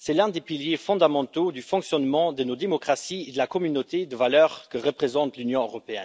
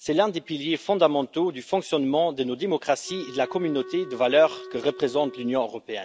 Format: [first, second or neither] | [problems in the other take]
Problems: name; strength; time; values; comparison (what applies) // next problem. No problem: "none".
first | background sound (Wind instrument, woodwind instrument); 16 dB below the speech